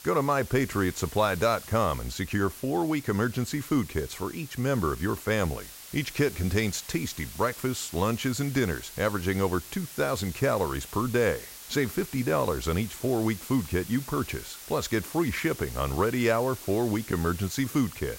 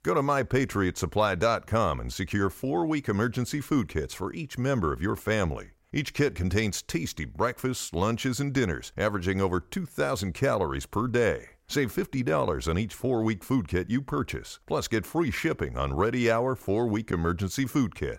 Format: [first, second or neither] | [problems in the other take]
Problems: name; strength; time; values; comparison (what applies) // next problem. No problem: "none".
second | hiss; noticeable; throughout; 15 dB below the speech